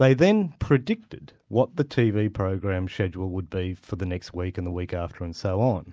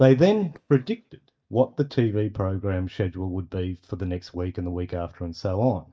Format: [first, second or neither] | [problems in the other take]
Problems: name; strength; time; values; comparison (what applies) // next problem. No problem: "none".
first | noise reduction (neural mask model DeepFilterNet 3)